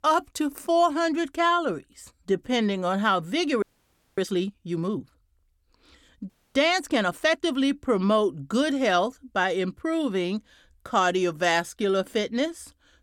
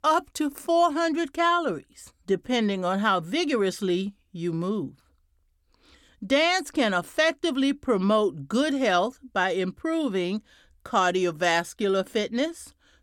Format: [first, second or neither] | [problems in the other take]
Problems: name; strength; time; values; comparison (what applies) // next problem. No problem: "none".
second | audio freezing; at 3.5 s for 0.5 s and at 6.5 s